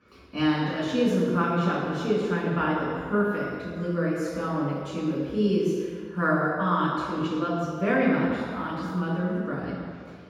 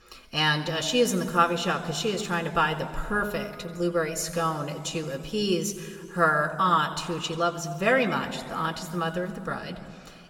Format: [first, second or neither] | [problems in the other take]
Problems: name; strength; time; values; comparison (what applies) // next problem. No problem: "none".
second | room echo; strong; dies away in 1.8 s; slight in the second // off-mic speech; far